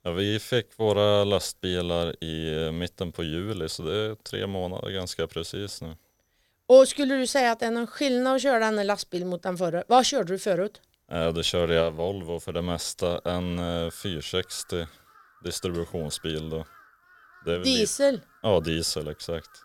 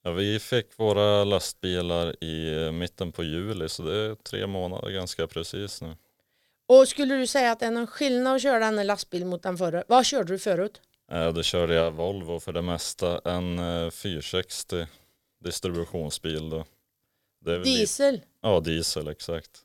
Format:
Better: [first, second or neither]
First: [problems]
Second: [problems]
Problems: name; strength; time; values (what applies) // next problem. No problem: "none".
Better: second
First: animal sounds; faint; throughout; 30 dB below the speech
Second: none